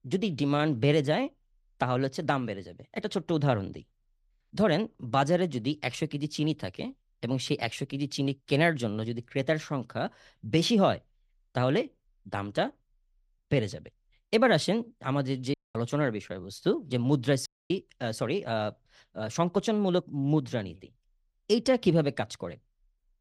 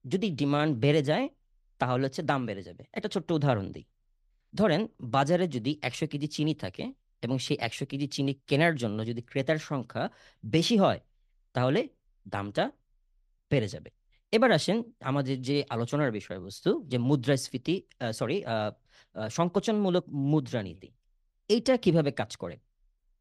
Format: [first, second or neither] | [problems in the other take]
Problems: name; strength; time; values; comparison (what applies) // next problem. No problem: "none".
second | audio cutting out; at 16 s and at 17 s